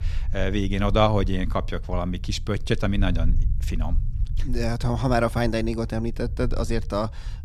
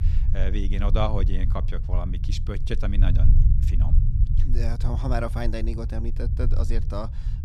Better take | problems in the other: first | low rumble; loud; throughout; 9 dB below the speech; faint in the first

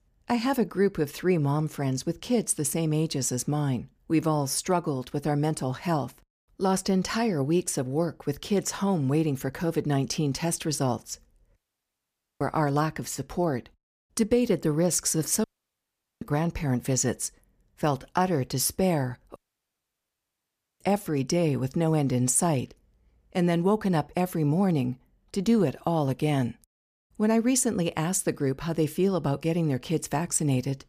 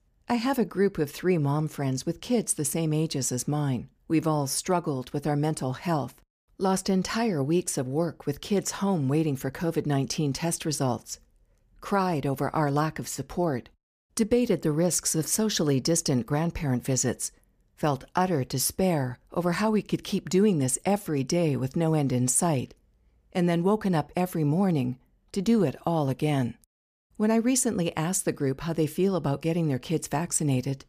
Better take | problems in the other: second | audio cutting out; at 12 s for 1 s, at 15 s for 1 s and at 19 s for 1.5 s

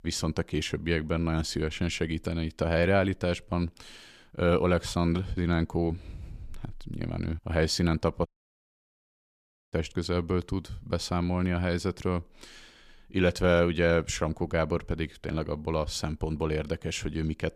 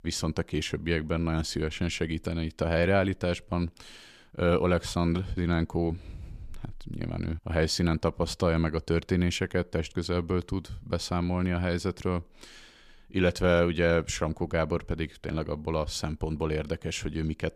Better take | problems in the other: second | audio cutting out; at 8.5 s for 1.5 s

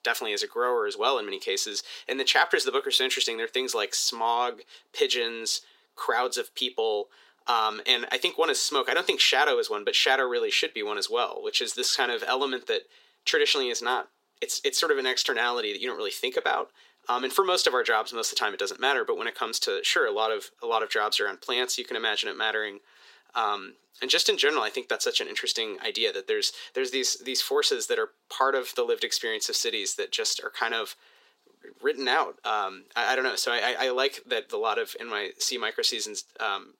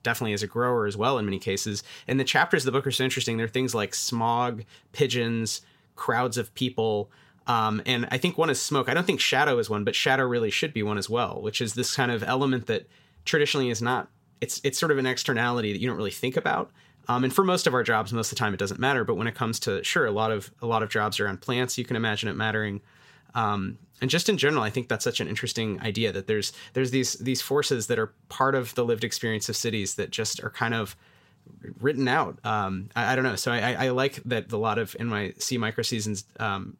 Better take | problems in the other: second | thin; very; fading below 350 Hz

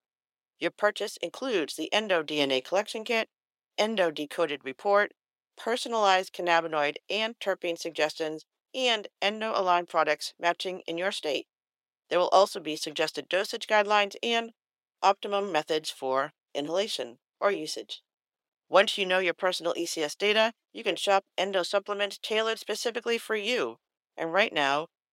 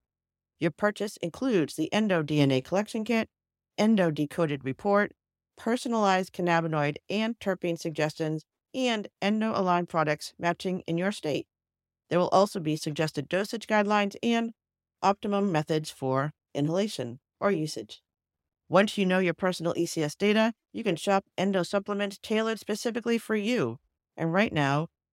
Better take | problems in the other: second | thin; somewhat; fading below 500 Hz

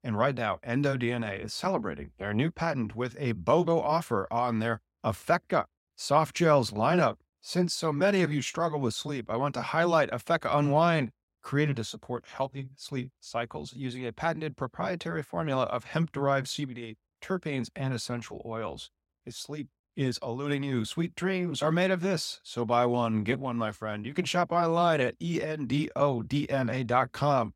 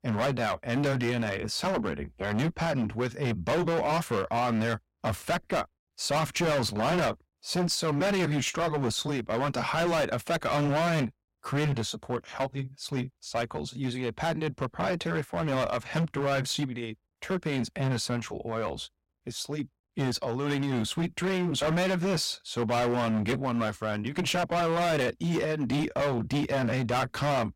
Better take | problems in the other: first | distortion; heavy; 18% of the sound clipped

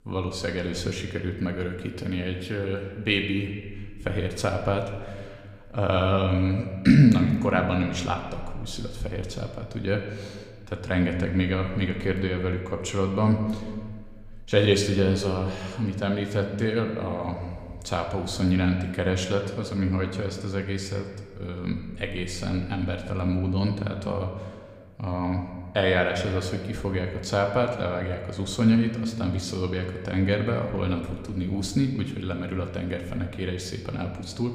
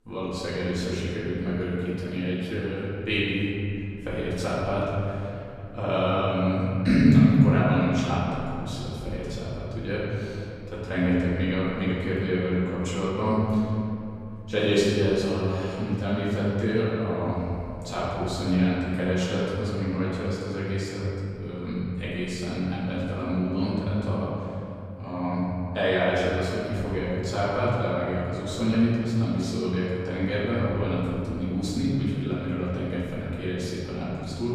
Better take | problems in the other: first | room echo; strong; dies away in 2.7 s; slight in the first // off-mic speech; far

